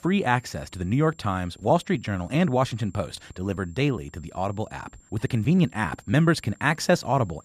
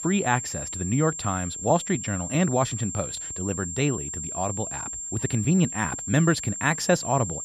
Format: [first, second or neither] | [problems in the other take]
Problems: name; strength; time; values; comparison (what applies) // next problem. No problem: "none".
first | high-pitched whine; loud; throughout; 7.5 kHz, 5 dB below the speech; faint in the first